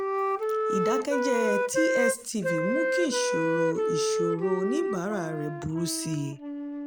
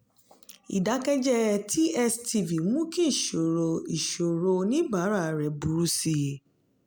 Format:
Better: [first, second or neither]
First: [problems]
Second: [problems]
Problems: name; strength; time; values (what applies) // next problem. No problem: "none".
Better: second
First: background sound (Wind instrument, woodwind instrument); 2 dB above the speech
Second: none